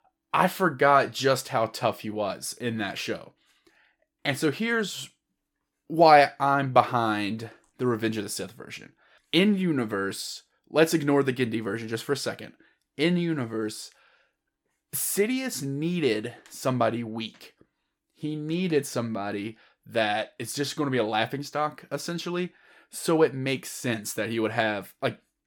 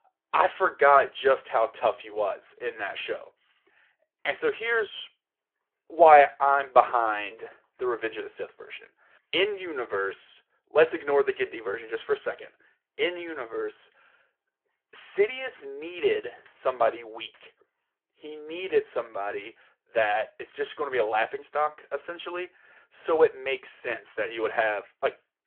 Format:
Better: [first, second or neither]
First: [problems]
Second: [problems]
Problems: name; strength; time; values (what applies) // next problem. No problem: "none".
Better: first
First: none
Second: phone-call audio